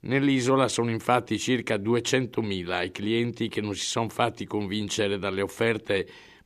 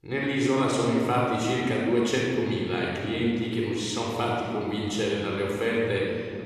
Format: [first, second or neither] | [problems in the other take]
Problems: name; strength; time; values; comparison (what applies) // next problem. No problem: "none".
first | room echo; strong; dies away in 3 s // off-mic speech; somewhat distant